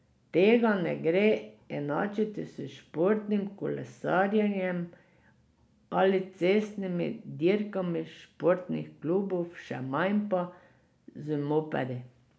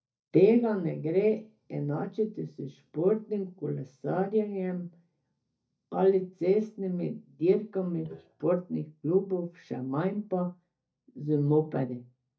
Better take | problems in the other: first | noise reduction (neural mask model DeepFilterNet 3)

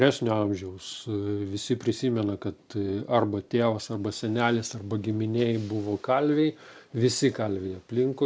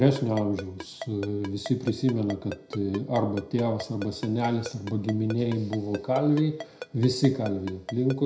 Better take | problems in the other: first | background sound (Ringtone); 15 dB below the speech // room echo; dies away in 0.4 s

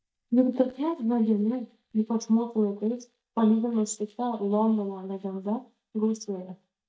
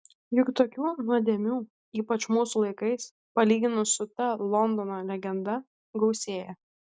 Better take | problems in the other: second | noise reduction (neural mask model DeepFilterNet 3)

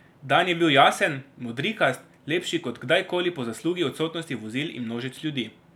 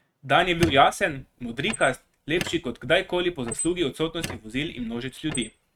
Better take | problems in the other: first | noise reduction (neural mask model RNNoise)

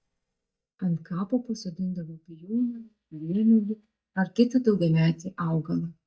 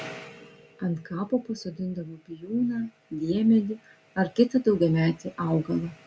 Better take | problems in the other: second | noise reduction (neural mask model DeepFilterNet 3)

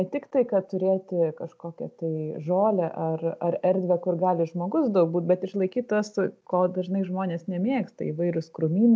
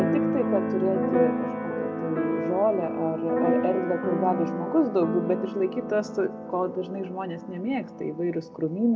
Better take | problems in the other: first | background sound (Keyboard (musical)); 1 dB below the speech // room echo; dies away in 0.4 s

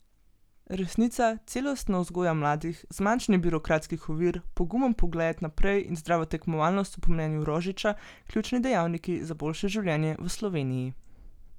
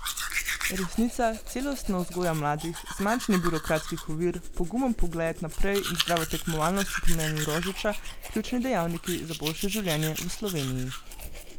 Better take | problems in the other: first | background sound (Domestic sounds, home sounds); 6 dB below the speech

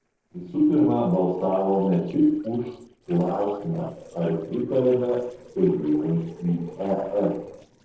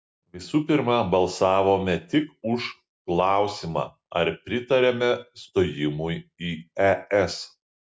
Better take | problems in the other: second | noise reduction (neural separator model SepFormer DNS4)

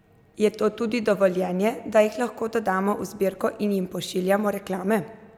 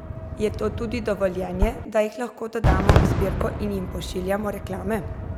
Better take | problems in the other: first | background sound (Fireworks); 2 dB above the speech

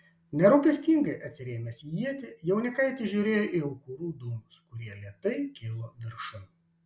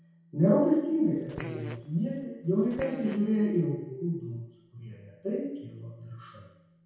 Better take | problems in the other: first | background sound (Fart); 14 dB below the speech // room echo; dies away in 0.9 s

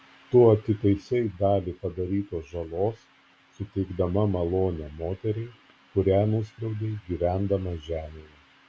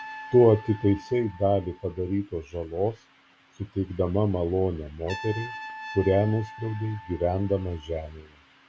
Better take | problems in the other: first | background sound (Trumpet); 17 dB below the speech

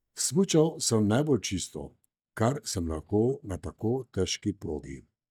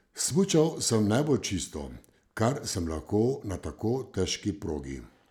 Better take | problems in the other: second | noise reduction (neural mask model DeepFilterNet 3)

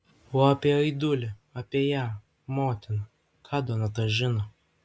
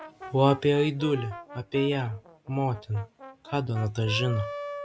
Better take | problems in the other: first | background sound (Brass instrument); 13 dB below the speech

